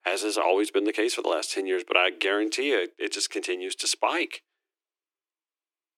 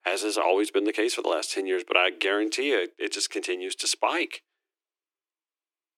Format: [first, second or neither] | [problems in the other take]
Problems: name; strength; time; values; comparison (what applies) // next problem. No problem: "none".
neither | thin; very; fading below 300 Hz; the same in both